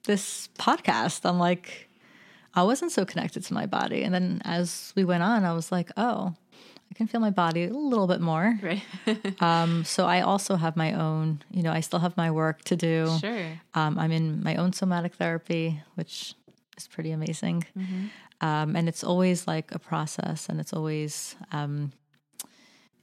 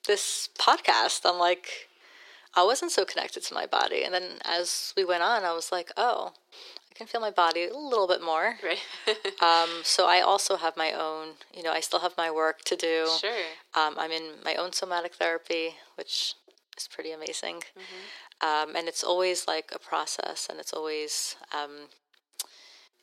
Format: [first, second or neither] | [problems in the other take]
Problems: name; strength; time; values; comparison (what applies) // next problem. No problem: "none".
first | thin; very; fading below 400 Hz